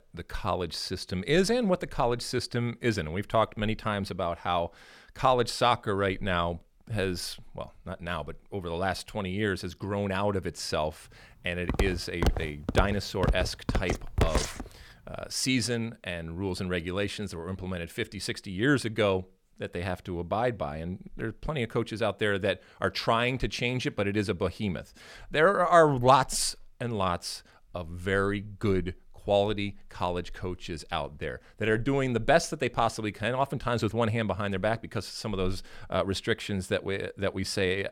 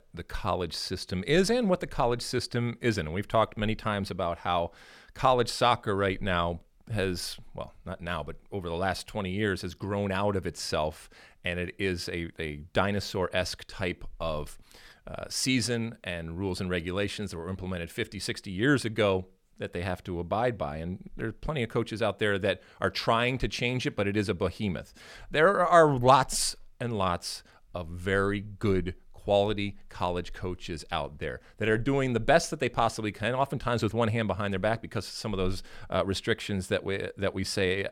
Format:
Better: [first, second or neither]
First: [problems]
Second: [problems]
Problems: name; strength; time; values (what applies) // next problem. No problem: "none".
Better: second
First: footsteps; loud; from 12 to 15 s; peak level with the speech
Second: none